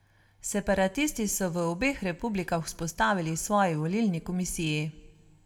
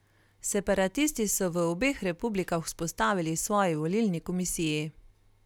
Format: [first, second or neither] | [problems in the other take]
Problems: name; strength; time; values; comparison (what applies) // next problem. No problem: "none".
second | room echo; dies away in 0.3 s